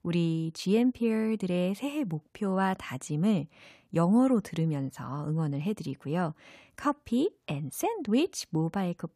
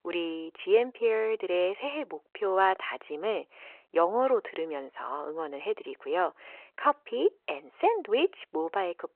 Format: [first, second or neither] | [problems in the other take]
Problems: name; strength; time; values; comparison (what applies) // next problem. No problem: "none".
first | phone-call audio